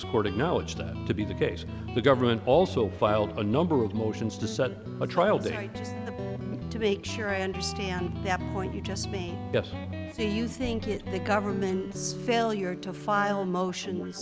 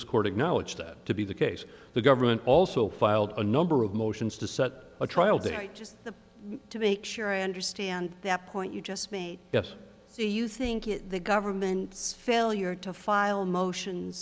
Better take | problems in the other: second | background sound (Guitar); 7 dB below the speech

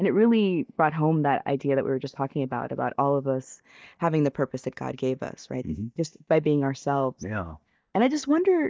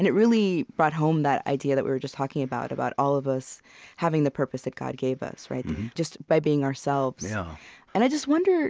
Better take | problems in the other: second | noise reduction (neural mask model DeepFilterNet 3)

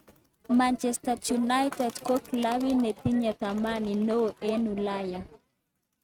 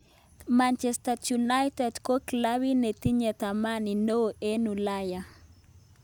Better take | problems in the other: second | noise reduction (neural mask model RNNoise)

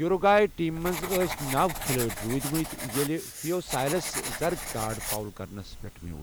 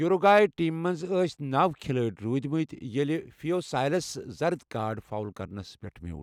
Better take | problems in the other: second | background sound (Writing); 8 dB below the speech

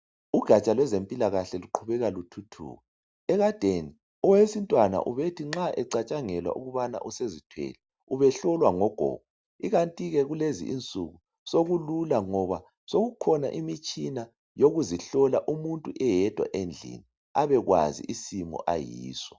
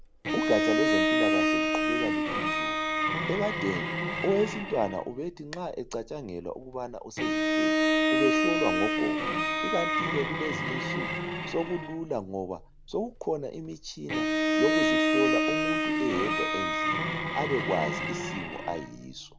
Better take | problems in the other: first | background sound (Bowed string instrument); 4 dB above the speech

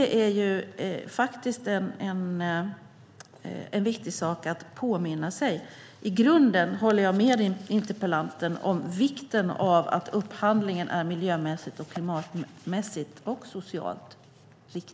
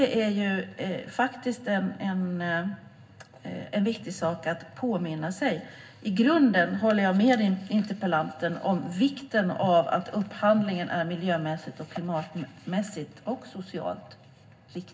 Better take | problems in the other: first | room echo; dies away in 0.4 s

